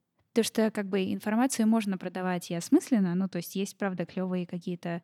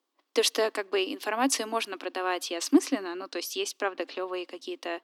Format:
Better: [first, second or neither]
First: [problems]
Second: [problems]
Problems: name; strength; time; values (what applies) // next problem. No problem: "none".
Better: first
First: none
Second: thin; somewhat; fading below 250 Hz